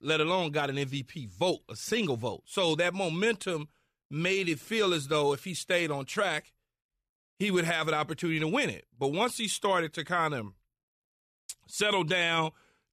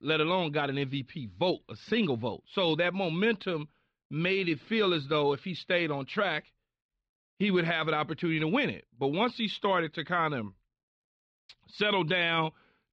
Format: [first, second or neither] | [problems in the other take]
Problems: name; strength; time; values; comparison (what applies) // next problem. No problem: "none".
first | muffled; very slightly; fading above 4 kHz